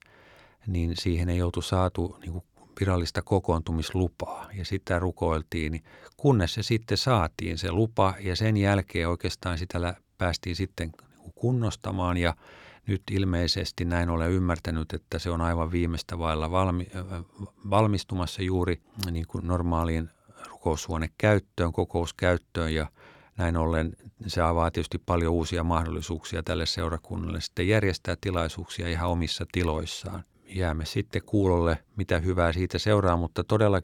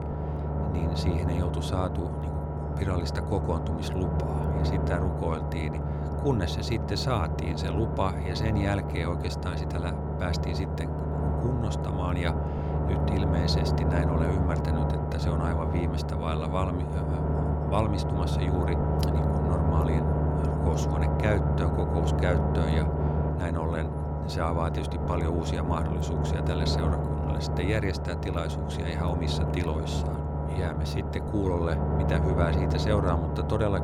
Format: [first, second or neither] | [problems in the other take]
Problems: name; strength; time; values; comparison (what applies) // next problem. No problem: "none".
first | low rumble; loud; throughout; as loud as the speech